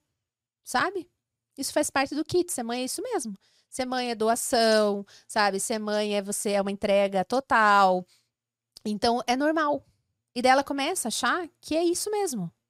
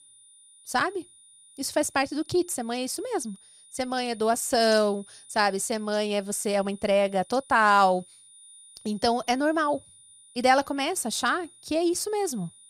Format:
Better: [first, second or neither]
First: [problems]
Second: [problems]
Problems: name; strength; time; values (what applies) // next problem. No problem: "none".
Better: first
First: none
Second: high-pitched whine; faint; throughout; 9.5 kHz, 25 dB below the speech